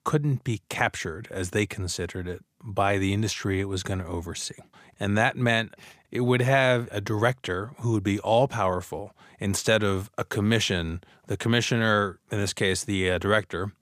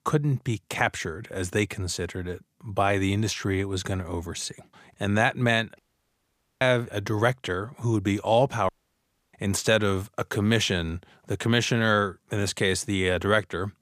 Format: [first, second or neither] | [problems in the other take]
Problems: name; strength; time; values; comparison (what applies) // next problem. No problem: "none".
first | audio cutting out; at 6 s for 1 s and at 8.5 s for 0.5 s